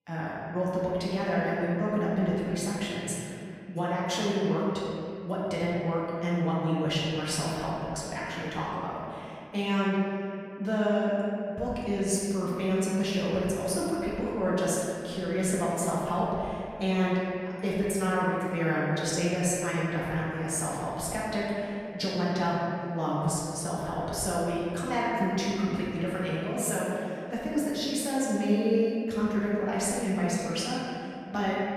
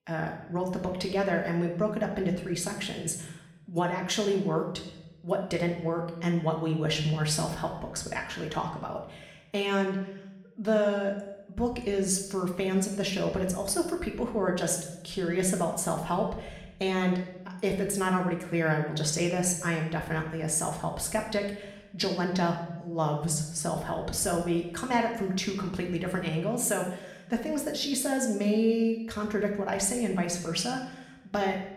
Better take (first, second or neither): second